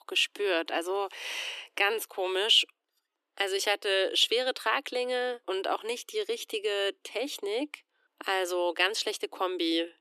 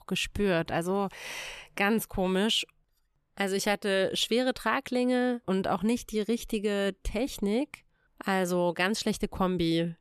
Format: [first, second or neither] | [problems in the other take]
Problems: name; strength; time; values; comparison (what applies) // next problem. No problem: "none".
second | thin; very; fading below 300 Hz